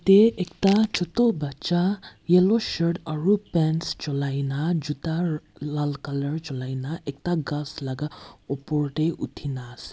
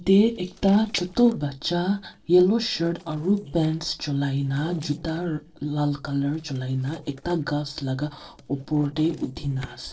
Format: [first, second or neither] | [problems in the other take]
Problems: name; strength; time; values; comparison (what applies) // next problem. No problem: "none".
first | noise reduction (neural separator model SepFormer DNS4)